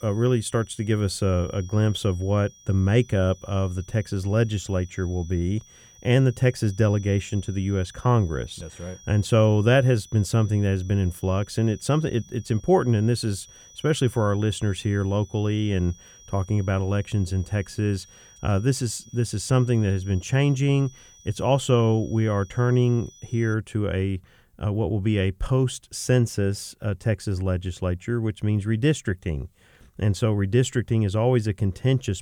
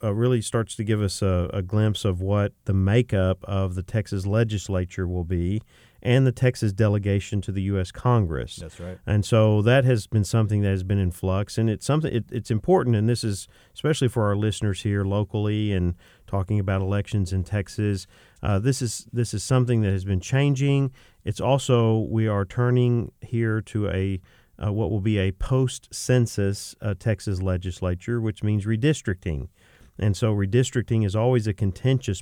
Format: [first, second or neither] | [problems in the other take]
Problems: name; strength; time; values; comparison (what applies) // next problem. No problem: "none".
second | high-pitched whine; faint; until 24 s; 5.5 kHz, 25 dB below the speech